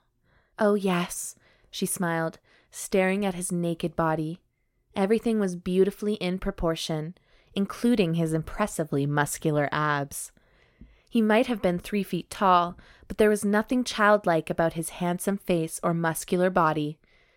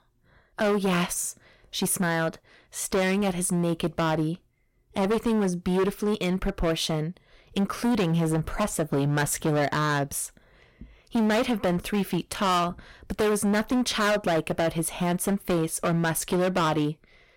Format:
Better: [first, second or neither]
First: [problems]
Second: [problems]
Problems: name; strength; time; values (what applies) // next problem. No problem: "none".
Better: first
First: none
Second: distortion; heavy; 15% of the sound clipped